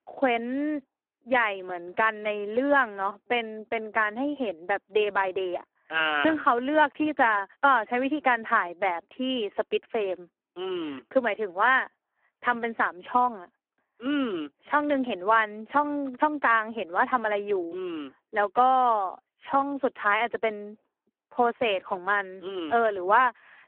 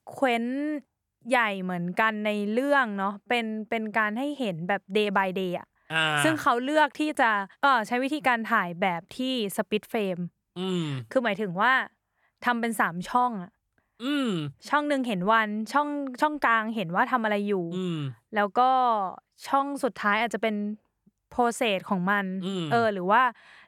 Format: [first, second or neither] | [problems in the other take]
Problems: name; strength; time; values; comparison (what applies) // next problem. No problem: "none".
second | phone-call audio; poor line